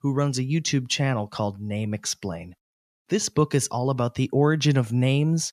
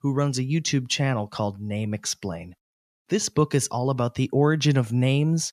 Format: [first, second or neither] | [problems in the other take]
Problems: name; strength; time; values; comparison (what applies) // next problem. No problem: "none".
neither | none